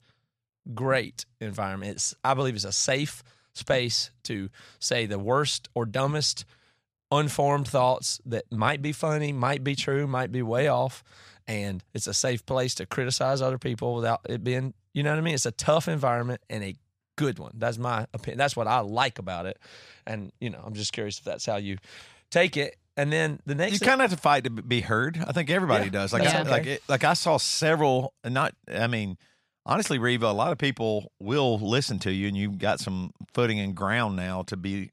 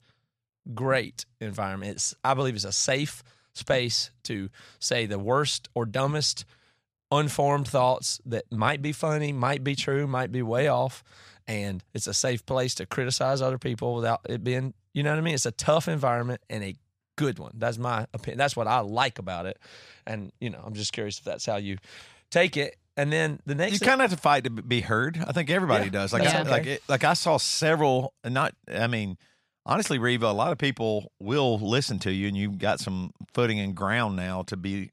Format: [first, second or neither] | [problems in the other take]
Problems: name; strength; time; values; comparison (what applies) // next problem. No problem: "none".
neither | none